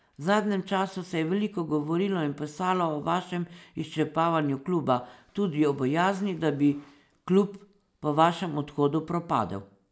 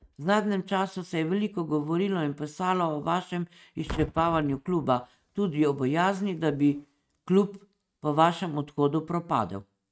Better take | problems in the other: first | noise reduction (neural mask model RNNoise)

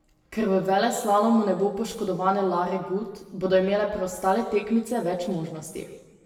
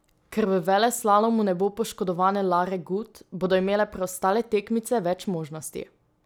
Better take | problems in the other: second | room echo; dies away in 1.1 s

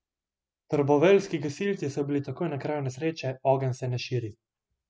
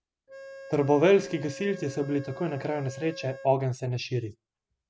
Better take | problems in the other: first | background sound (Organ); 15 dB below the speech

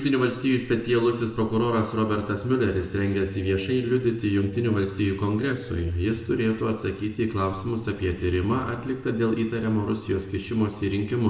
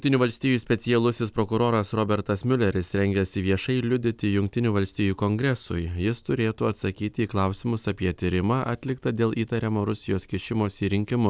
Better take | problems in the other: second | noise reduction (neural separator model SepFormer DNS4)

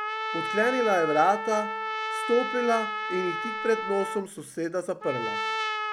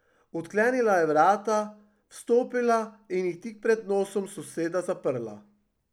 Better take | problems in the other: second | background sound (Trumpet); 3 dB below the speech

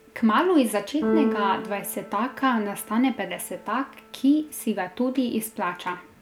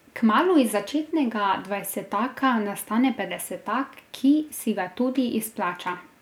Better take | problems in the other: second | background sound (Keyboard (musical)); 9 dB below the speech

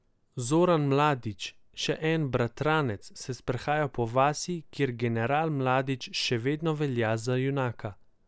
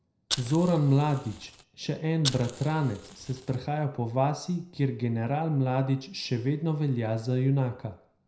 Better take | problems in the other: first | background sound (Fire); 11 dB below the speech // room echo; dies away in 0.5 s

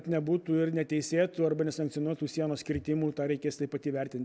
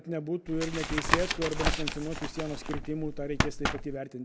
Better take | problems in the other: first | background sound (Tap); 2 dB above the speech

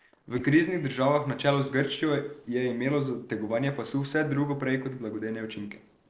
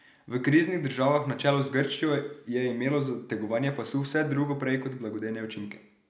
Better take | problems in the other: second | noise reduction (neural separator model SepFormer DNS4)

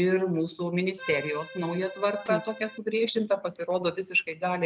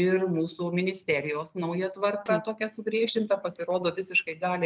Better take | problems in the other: second | background sound (Accordion); 14 dB below the speech

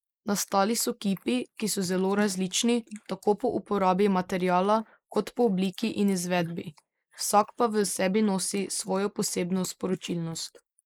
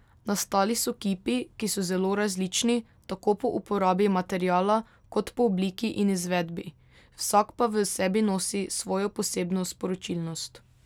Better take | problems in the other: second | noise reduction (neural mask model Resemble Enhance denoiser)

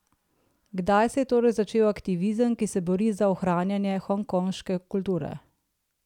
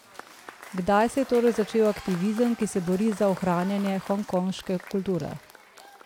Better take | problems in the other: first | background sound (Applause / Crowd / Cheering); 17 dB below the speech

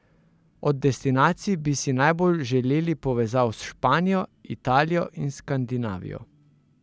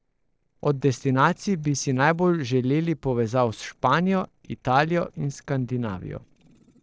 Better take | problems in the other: first | noise reduction (neural separator model SepFormer DNS4)

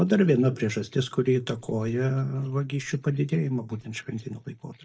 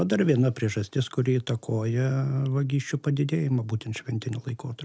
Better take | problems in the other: second | noise reduction (neural mask model DeepFilterNet 3)

